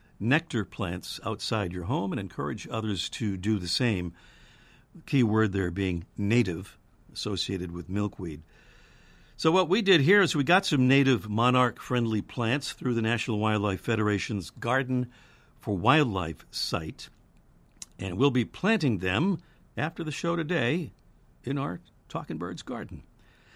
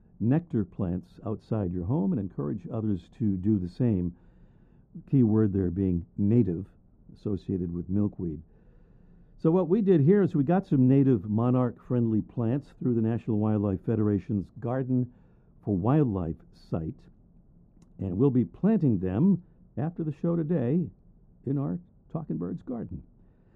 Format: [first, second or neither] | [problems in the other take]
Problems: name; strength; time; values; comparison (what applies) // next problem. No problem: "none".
first | muffled; very; fading above 1.5 kHz